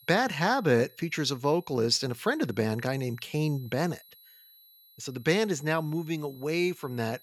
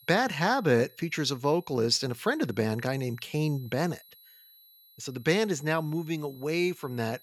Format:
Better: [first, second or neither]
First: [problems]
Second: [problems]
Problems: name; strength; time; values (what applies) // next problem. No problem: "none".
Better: neither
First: high-pitched whine; faint; throughout; 11.5 kHz, 25 dB below the speech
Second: high-pitched whine; faint; throughout; 11.5 kHz, 25 dB below the speech